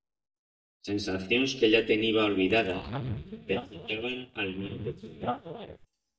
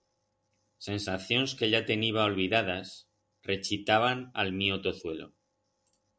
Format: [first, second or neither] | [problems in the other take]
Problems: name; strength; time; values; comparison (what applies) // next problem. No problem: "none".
second | noise reduction (neural mask model DeepFilterNet 3)